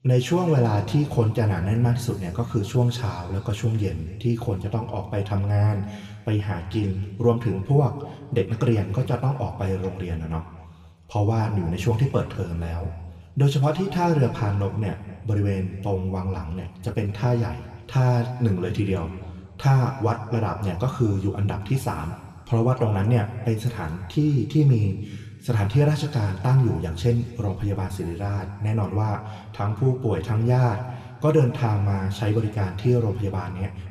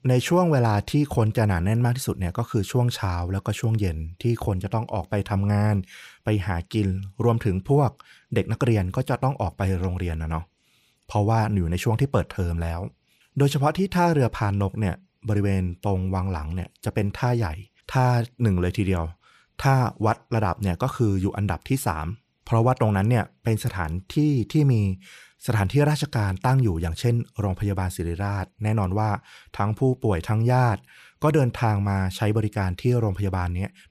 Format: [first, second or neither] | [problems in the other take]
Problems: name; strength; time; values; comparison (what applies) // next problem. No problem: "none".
second | room echo; slight; dies away in 1.8 s // off-mic speech; somewhat distant